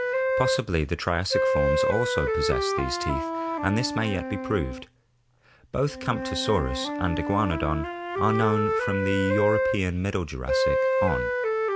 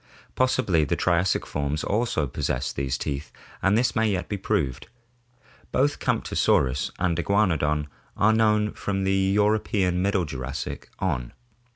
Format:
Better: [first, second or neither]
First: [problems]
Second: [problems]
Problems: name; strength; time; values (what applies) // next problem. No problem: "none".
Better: second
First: background sound (Wind instrument, woodwind instrument); 1 dB above the speech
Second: none